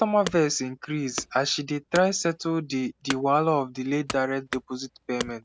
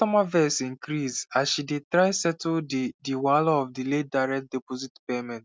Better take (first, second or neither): second